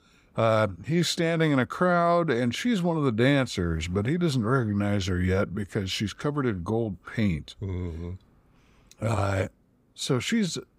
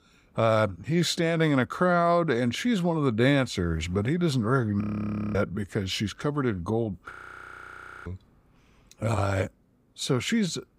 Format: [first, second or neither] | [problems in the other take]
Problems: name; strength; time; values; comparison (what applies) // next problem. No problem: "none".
first | audio freezing; at 5 s for 0.5 s and at 7 s for 1 s